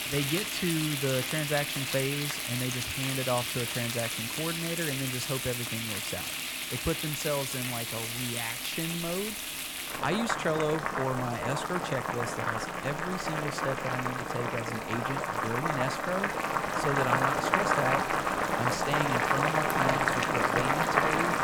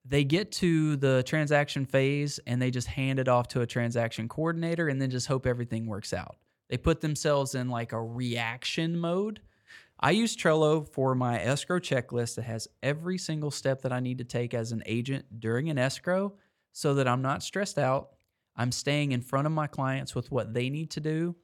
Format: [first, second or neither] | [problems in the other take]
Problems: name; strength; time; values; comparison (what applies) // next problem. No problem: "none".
second | household noises; very loud; throughout; 4 dB above the speech